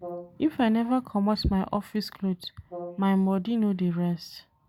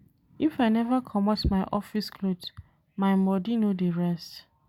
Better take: second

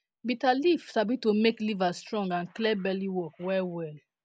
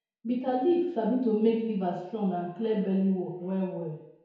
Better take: first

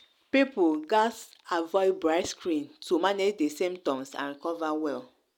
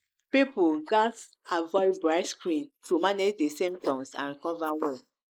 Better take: first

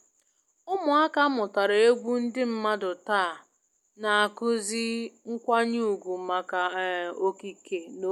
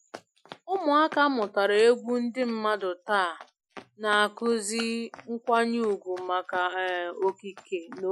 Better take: first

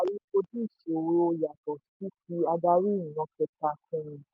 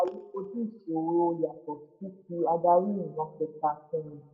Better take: first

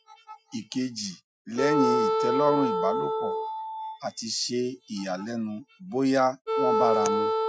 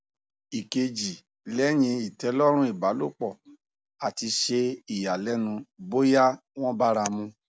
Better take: second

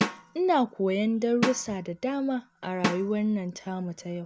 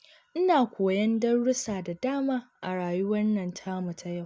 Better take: second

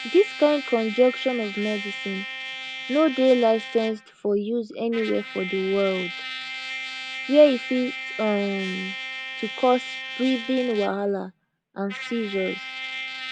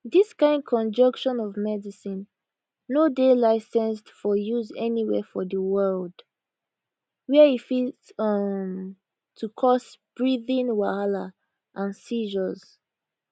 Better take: second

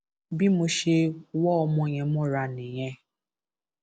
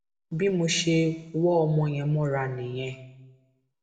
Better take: first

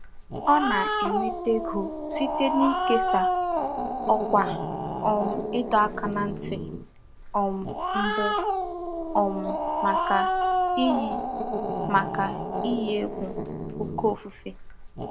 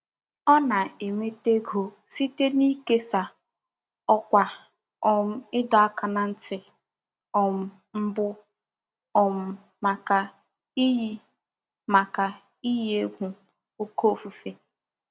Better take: second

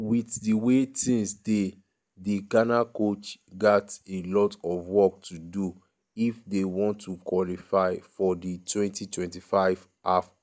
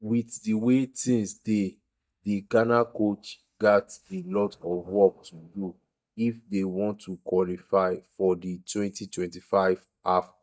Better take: first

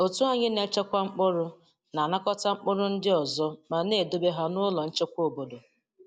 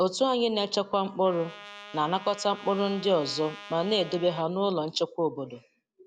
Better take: first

